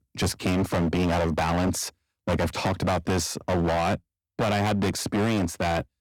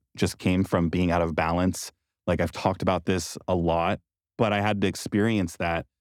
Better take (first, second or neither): second